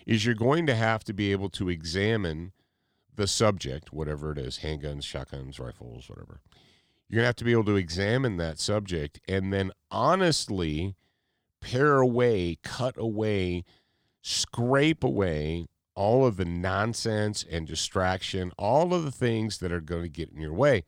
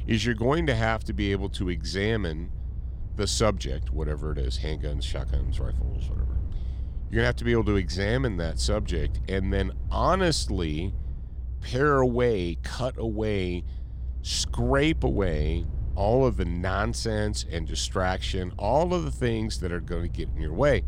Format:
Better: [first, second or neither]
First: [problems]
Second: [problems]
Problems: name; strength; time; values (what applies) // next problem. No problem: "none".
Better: first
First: none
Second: low rumble; faint; throughout; 25 dB below the speech